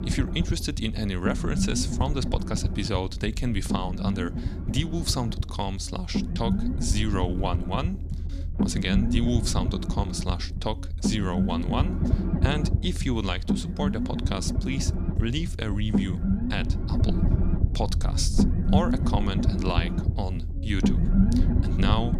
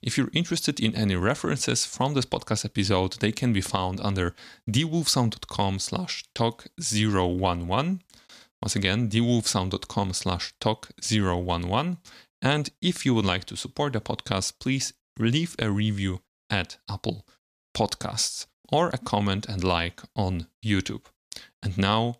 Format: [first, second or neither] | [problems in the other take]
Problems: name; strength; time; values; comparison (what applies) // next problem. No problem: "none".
second | low rumble; loud; throughout; 4 dB below the speech